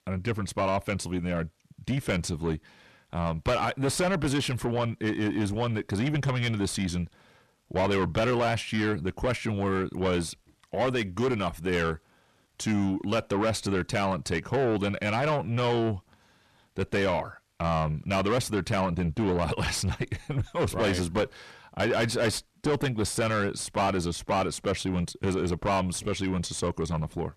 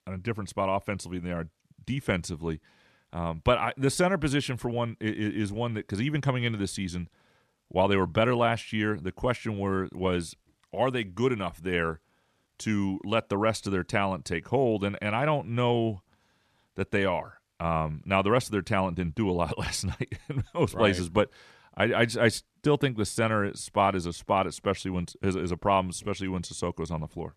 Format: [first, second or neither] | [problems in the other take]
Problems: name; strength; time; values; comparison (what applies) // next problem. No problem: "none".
second | distortion; heavy; 6 dB below the speech